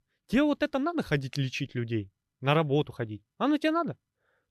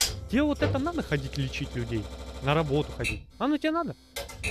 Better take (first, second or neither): first